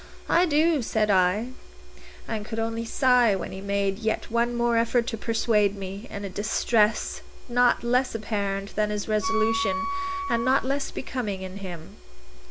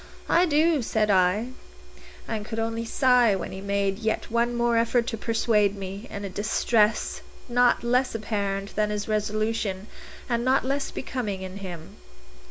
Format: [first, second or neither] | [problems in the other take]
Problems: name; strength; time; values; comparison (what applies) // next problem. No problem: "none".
second | background sound (Wind instrument, woodwind instrument); 6 dB below the speech